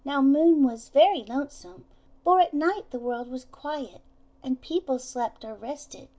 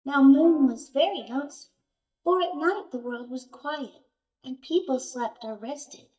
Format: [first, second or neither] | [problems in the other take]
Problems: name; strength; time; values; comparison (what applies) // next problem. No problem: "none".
first | noise reduction (neural mask model DeepFilterNet 3)